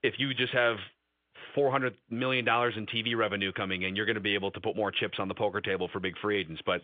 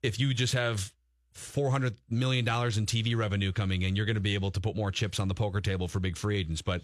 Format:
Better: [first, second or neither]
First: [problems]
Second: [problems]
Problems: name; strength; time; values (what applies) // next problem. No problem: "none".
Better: second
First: phone-call audio; nothing above 3.5 kHz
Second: none